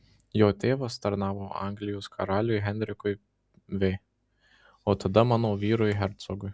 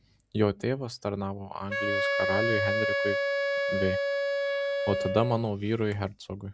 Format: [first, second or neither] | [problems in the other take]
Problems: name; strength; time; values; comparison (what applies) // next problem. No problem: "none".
first | background sound (Wind instrument, woodwind instrument); 1 dB above the speech